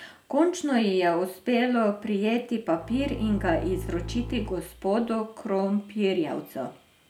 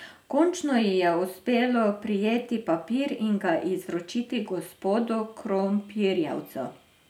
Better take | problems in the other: second | background sound (Bowed string instrument); 10 dB below the speech

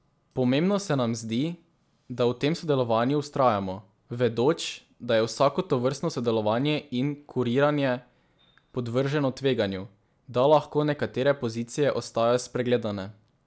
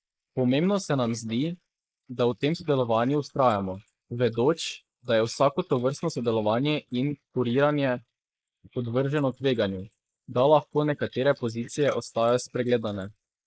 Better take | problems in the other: first | noise reduction (neural mask model Resemble Enhance denoiser)

